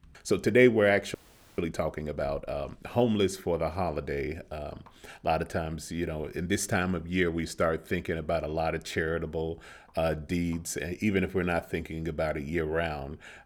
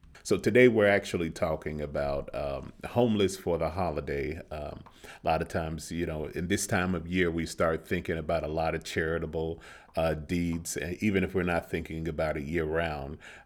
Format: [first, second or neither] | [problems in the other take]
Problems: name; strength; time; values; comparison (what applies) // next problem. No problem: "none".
second | audio freezing; at 1 s